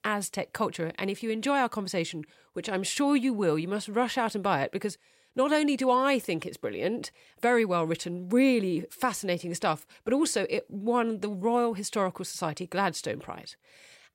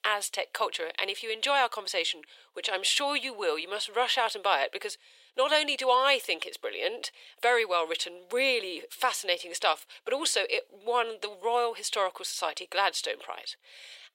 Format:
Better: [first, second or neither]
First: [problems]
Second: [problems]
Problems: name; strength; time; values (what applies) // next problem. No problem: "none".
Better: first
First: none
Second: thin; very; fading below 500 Hz